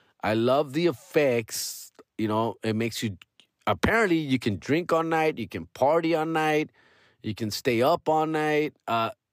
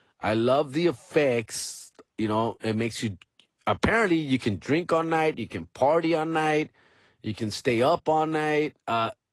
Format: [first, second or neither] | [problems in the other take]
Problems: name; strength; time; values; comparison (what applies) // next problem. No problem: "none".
first | garbled, watery; slightly; nothing above 12 kHz